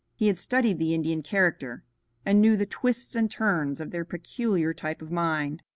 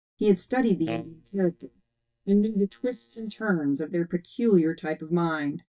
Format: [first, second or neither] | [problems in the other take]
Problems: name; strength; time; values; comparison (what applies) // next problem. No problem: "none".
first | noise reduction (neural mask model DeepFilterNet 3)